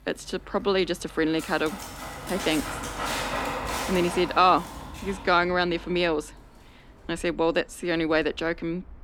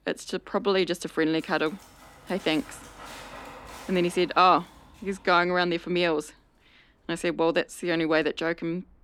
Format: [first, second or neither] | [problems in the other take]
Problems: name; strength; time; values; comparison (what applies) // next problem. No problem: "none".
second | animal sounds; loud; throughout; 8 dB below the speech; faint in the second